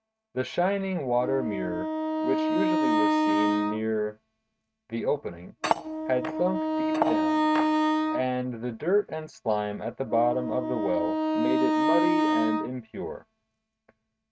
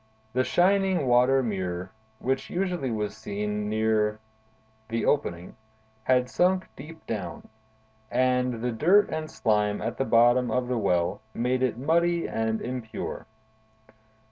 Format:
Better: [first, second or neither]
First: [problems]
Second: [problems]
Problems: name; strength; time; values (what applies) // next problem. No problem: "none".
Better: second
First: noise reduction (neural mask model RNNoise)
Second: none